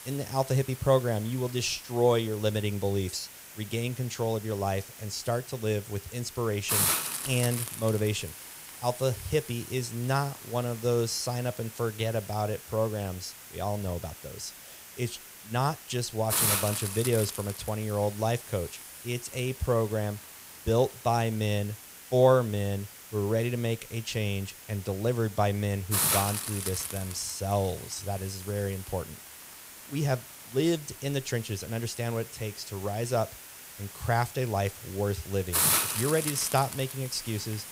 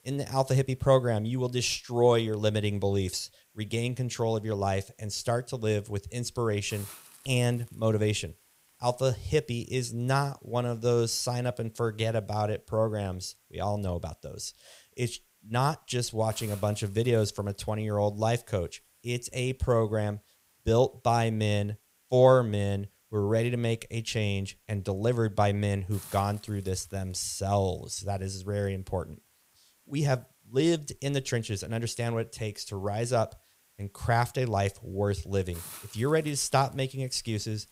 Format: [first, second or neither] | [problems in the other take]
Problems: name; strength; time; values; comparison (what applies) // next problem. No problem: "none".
second | hiss; loud; throughout; 5 dB below the speech; faint in the second